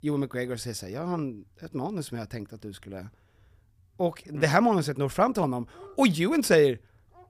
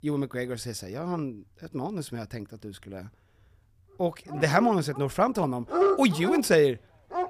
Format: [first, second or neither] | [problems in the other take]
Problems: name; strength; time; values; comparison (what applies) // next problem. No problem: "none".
first | animal sounds; loud; throughout; 3 dB below the speech; faint in the first